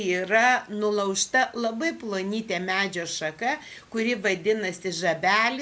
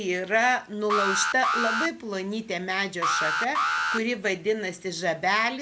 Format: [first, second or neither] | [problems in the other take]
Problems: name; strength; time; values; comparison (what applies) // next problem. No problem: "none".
first | background sound (Alarm); 1 dB below the speech